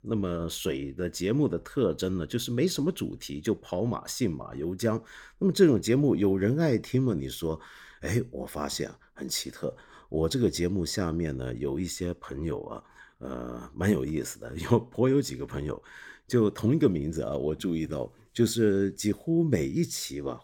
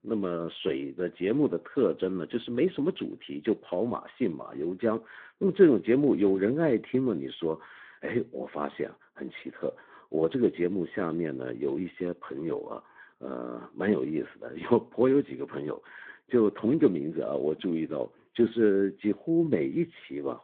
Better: first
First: none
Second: phone-call audio

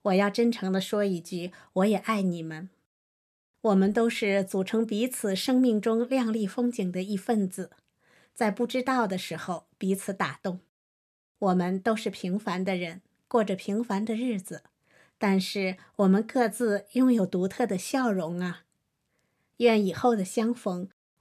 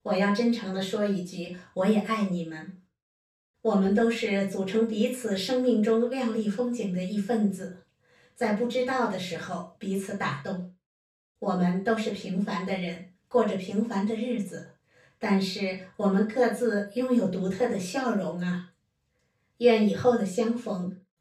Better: first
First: none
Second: room echo; noticeable; dies away in 0.3 s // off-mic speech; far

